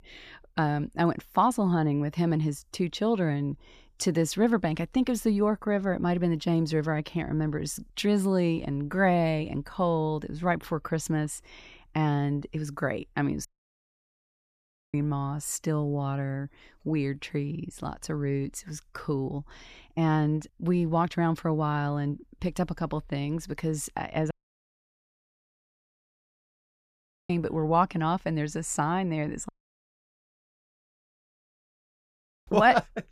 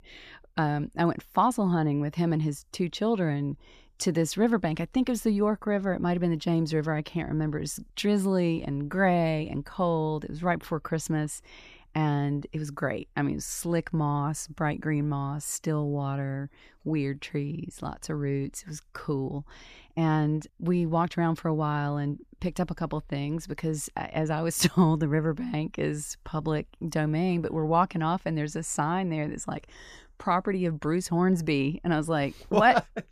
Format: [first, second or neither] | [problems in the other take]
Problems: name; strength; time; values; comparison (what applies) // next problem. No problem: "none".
second | audio cutting out; at 13 s for 1.5 s, at 24 s for 3 s and at 29 s for 3 s